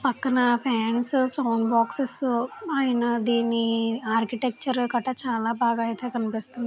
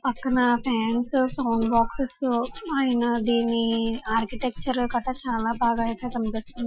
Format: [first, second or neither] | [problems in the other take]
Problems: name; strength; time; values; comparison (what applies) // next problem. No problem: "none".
first | noise reduction (classical method Wiener filter)